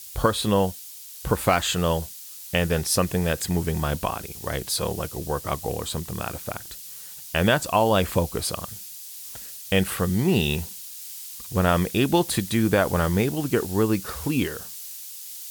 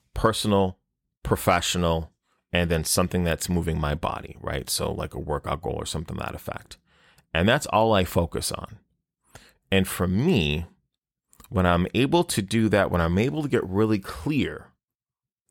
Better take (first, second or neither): second